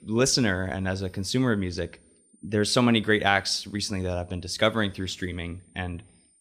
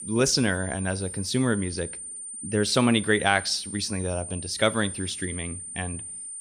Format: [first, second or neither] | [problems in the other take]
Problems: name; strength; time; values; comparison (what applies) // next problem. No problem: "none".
first | high-pitched whine; loud; throughout; 9 kHz, 9 dB below the speech; faint in the first